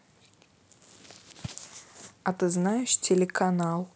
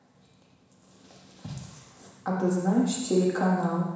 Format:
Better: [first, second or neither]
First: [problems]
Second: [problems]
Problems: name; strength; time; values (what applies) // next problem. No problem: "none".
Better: first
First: none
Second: room echo; dies away in 1.1 s